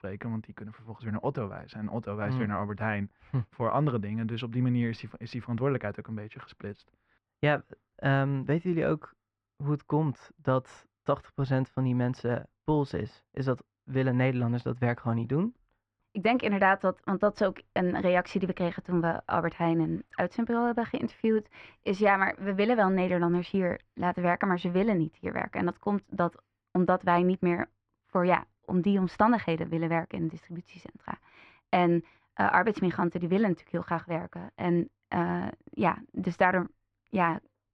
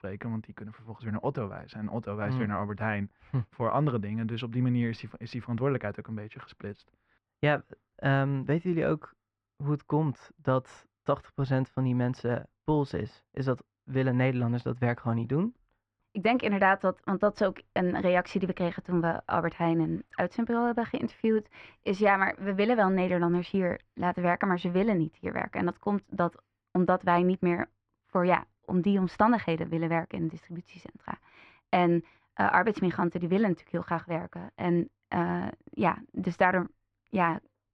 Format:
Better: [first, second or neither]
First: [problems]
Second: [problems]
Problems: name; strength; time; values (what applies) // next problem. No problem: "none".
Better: neither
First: muffled; very; fading above 2.5 kHz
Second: muffled; very; fading above 2.5 kHz